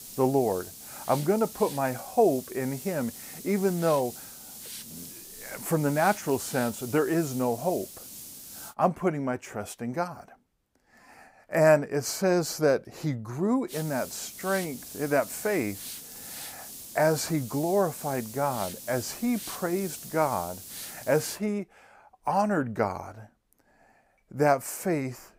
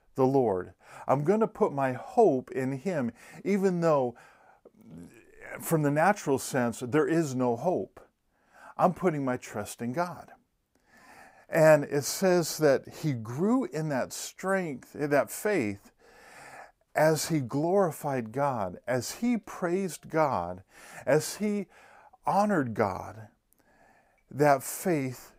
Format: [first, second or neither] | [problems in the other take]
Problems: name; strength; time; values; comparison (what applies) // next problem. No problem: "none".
second | hiss; noticeable; until 8.5 s and from 14 to 21 s; 10 dB below the speech